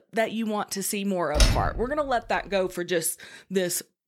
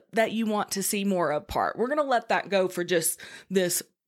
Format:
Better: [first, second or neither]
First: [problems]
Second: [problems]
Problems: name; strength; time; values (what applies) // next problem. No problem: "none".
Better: second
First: door banging; loud; at 1.5 s; peak 4 dB above the speech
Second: none